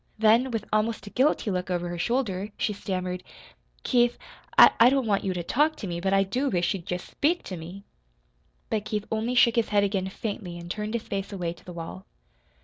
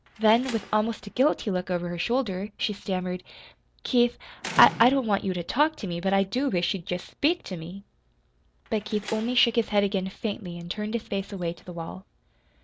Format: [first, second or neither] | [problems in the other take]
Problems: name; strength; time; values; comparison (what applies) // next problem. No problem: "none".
first | background sound (Slam); 19 dB below the speech